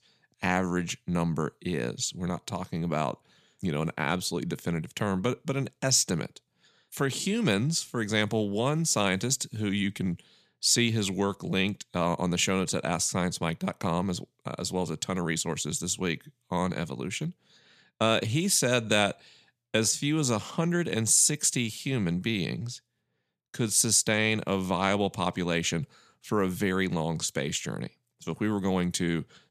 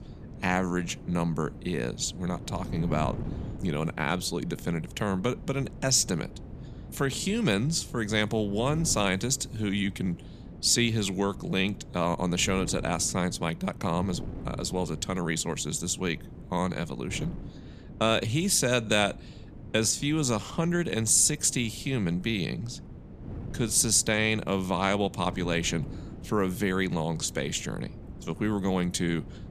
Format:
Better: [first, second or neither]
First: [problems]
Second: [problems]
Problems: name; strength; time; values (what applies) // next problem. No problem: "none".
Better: first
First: none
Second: wind noise on the microphone; occasional gusts; 20 dB below the speech